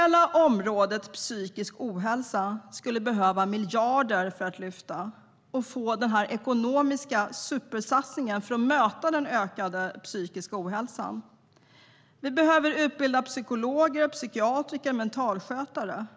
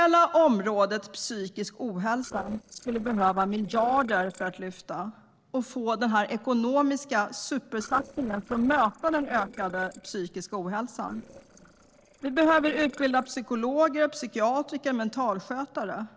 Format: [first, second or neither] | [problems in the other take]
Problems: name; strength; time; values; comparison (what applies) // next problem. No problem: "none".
first | noise reduction (neural separator model SepFormer DNS4)